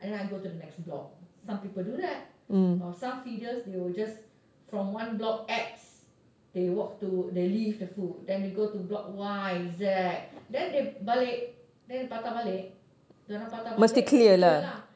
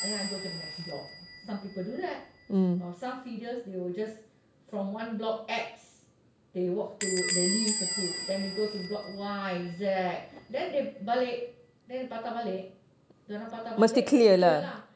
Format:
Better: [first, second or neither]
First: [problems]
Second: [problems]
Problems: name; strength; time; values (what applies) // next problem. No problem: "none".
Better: first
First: none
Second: background sound (Squeak / Bell); 9 dB below the speech